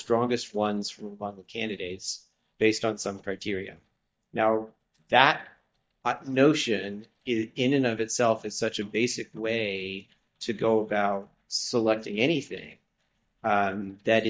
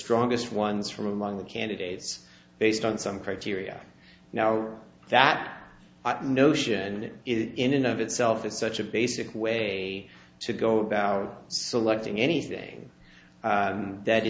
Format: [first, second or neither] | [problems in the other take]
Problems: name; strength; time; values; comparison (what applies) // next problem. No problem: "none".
second | noise reduction (neural mask model DeepFilterNet 3)